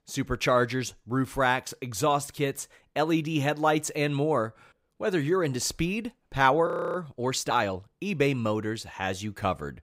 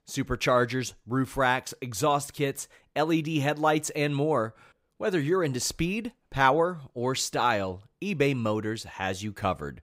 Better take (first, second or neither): second